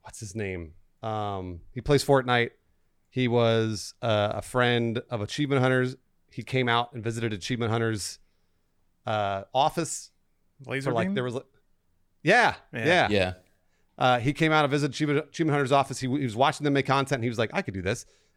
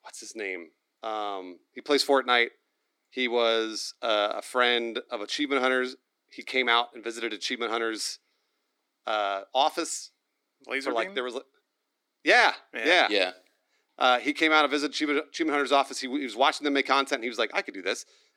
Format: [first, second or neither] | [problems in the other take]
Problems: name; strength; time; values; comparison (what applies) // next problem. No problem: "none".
first | thin; somewhat; fading below 300 Hz